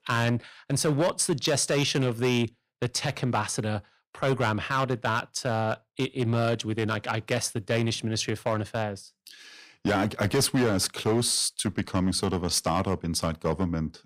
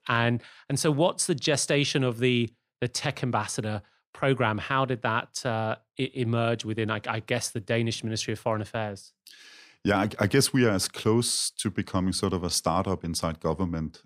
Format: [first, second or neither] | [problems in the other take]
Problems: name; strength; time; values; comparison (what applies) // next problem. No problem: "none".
second | distortion; slight; 6% of the sound clipped